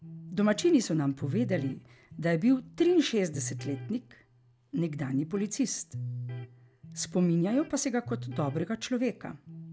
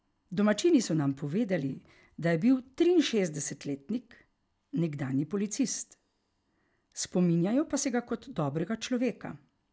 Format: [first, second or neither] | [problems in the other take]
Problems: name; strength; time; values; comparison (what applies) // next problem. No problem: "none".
second | background sound (Electric guitar); 12 dB below the speech